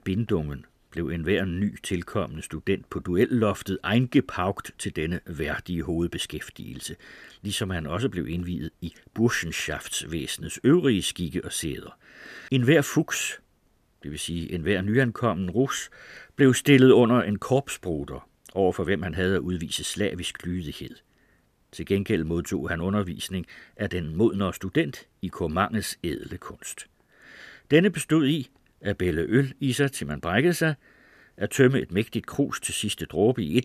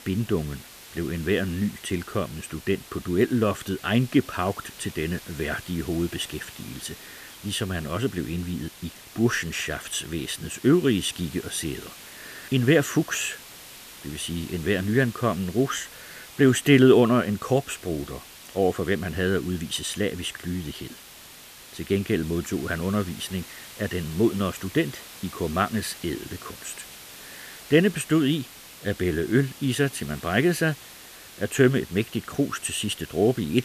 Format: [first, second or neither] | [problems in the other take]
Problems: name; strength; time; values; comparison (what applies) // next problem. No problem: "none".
first | hiss; noticeable; throughout; 15 dB below the speech